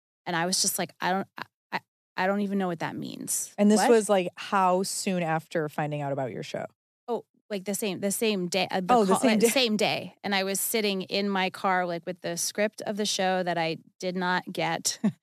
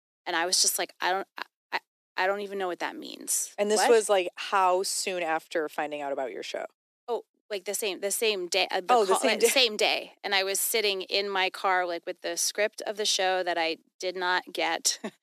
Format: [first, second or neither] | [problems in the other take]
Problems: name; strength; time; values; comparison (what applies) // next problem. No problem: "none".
first | thin; somewhat; fading below 350 Hz